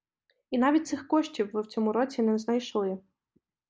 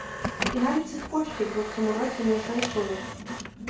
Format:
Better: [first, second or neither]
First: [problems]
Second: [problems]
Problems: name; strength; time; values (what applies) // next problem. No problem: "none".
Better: first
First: none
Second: background sound (Printer); 6 dB below the speech // room echo; dies away in 0.4 s